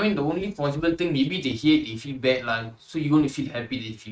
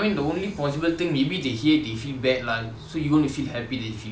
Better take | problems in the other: second | noise reduction (neural mask model RNNoise)

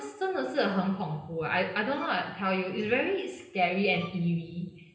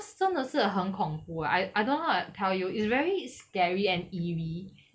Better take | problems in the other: second | background sound (Bowed string instrument); 19 dB below the speech // room echo; dies away in 0.9 s

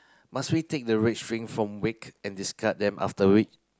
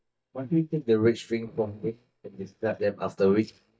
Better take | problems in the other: first | noise reduction (neural mask model DeepFilterNet 3)

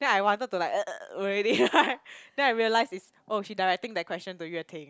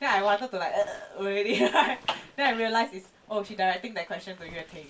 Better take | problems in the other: first | background sound (Zipper (clothing)); 15 dB below the speech // room echo; dies away in 0.2 s

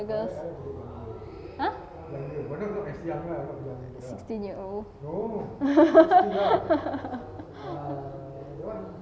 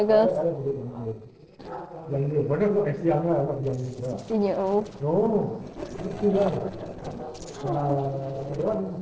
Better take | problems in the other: first | noise reduction (neural separator model SepFormer DNS4)

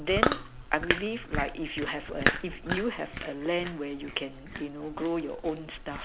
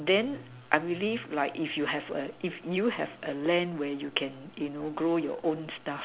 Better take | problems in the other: second | background sound (Chewing, mastication); 1 dB below the speech

